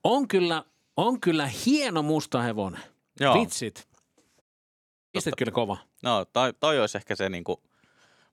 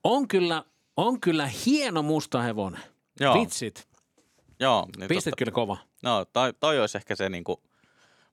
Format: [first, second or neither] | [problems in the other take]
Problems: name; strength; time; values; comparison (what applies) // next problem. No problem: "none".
second | audio cutting out; at 4.5 s for 0.5 s